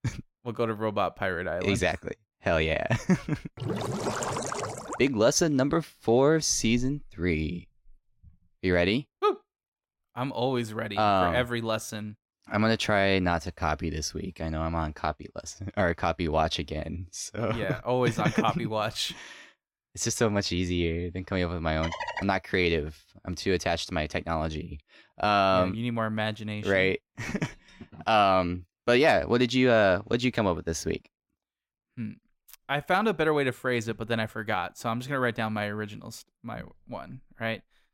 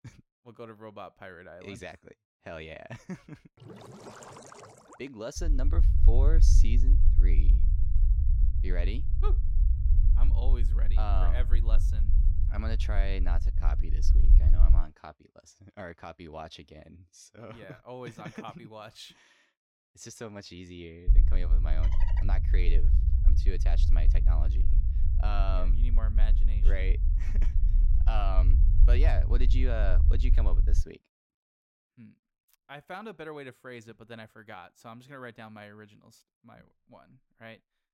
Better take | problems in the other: first | low rumble; loud; from 5.5 to 15 s and from 21 to 31 s; 6 dB below the speech

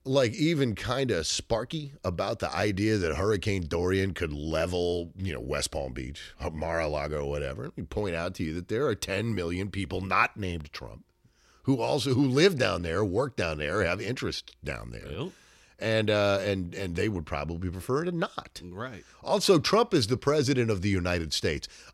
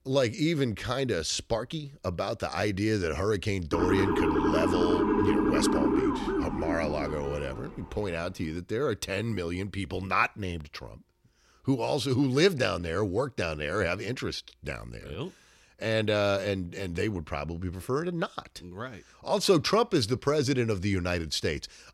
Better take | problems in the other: first | siren; loud; from 3.5 to 7.5 s; peak 4 dB above the speech

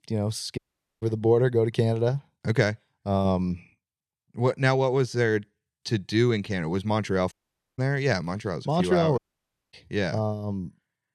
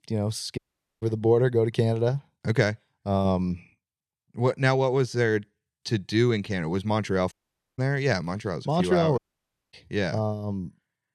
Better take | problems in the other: neither | audio cutting out; at 0.5 s, at 7.5 s and at 9 s for 0.5 s; the same in both

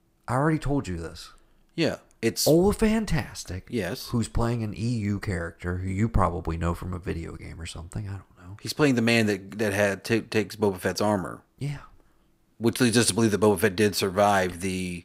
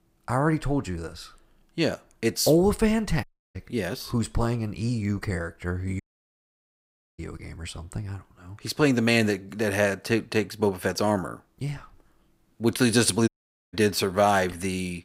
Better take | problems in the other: first | audio cutting out; at 3 s, at 6 s for 1 s and at 13 s

